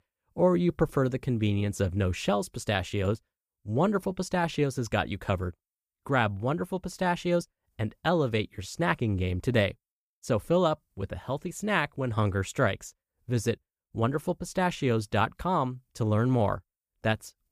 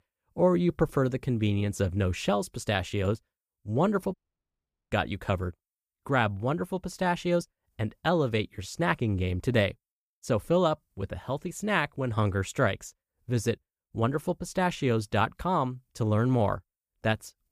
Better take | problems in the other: first | audio cutting out; at 4 s for 1 s

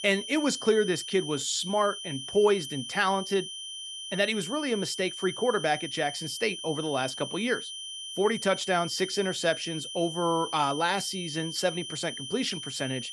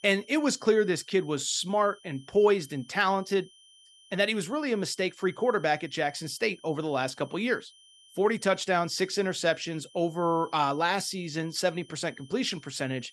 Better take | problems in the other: second | high-pitched whine; loud; throughout; 3 kHz, 8 dB below the speech; faint in the second

